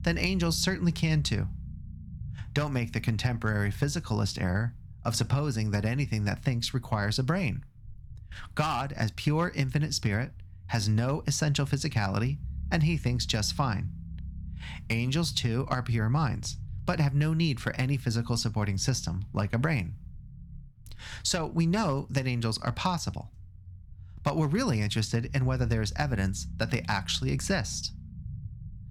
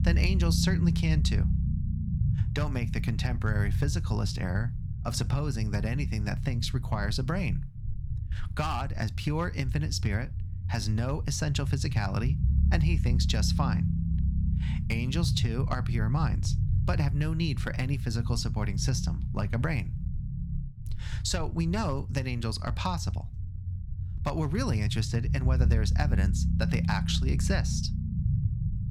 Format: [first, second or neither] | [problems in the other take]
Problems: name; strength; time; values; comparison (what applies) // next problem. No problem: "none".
first | low rumble; loud; throughout; 9 dB below the speech; faint in the first